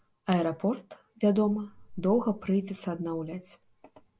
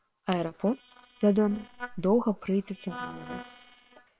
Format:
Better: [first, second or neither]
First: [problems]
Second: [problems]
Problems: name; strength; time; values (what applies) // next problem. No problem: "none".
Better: first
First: none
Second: noise reduction (neural separator model SepFormer WHAM!)